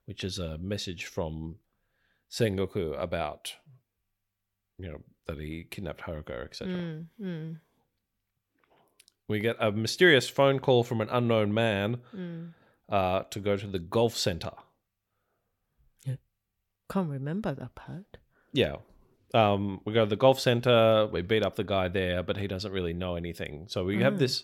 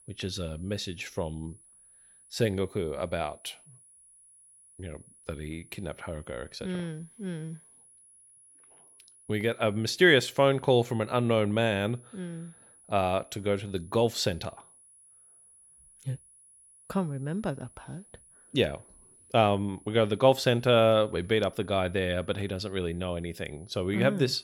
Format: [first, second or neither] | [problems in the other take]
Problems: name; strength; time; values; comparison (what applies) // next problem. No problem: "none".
first | high-pitched whine; faint; throughout; 10.5 kHz, 25 dB below the speech